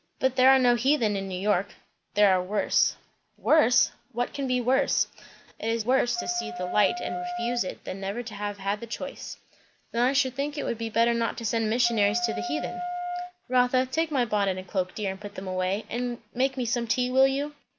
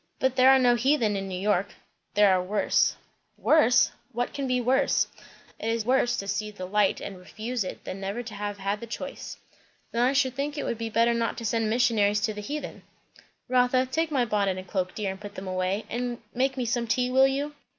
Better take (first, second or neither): second